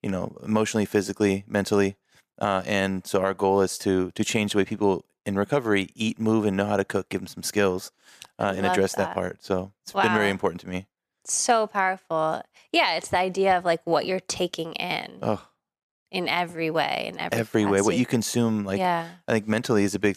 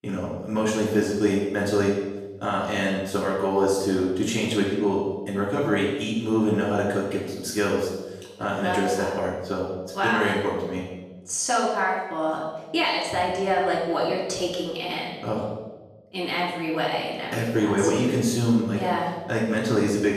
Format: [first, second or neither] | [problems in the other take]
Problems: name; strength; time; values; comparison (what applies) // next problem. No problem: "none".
first | off-mic speech; far // room echo; noticeable; dies away in 0.9 s